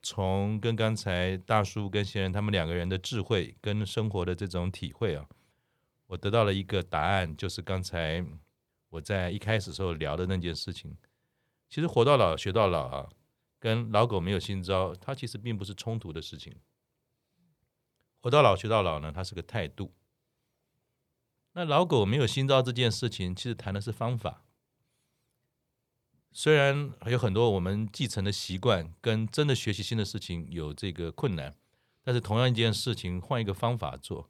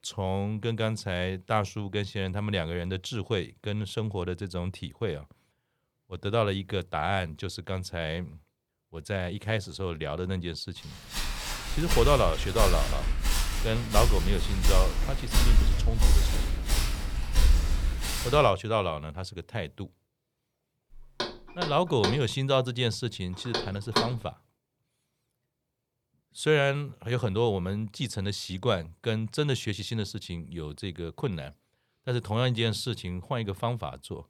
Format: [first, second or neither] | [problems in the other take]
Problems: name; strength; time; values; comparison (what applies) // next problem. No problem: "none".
first | footsteps; loud; from 11 to 18 s; peak 6 dB above the speech // door banging; loud; from 21 to 24 s; peak 2 dB above the speech